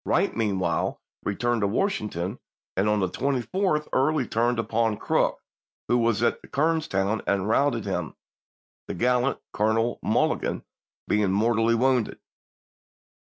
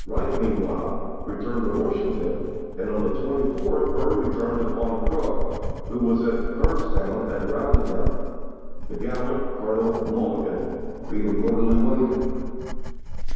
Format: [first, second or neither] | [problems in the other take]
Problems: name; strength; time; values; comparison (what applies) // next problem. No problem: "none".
first | background sound (Writing); 1 dB above the speech // room echo; dies away in 2.2 s